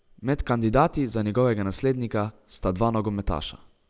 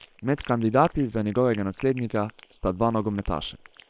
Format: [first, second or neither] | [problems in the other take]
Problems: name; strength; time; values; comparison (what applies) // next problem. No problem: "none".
first | noise reduction (neural separator model SepFormer WHAM!)